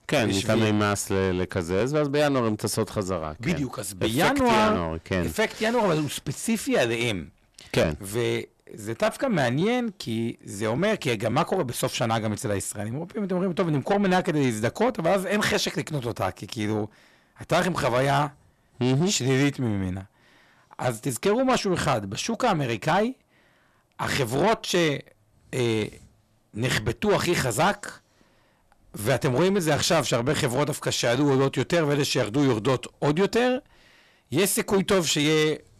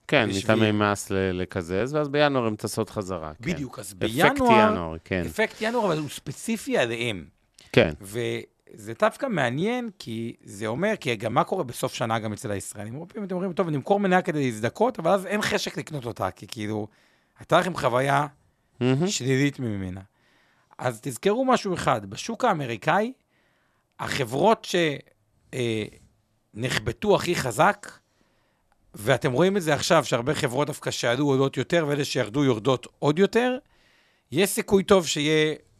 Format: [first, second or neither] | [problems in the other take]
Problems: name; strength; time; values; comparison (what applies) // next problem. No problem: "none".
second | distortion; heavy; 7 dB below the speech